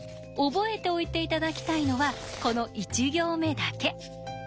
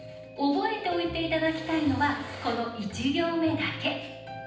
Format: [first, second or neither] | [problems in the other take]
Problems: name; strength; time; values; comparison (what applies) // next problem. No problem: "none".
first | background sound (Piano); 20 dB below the speech // room echo; dies away in 0.9 s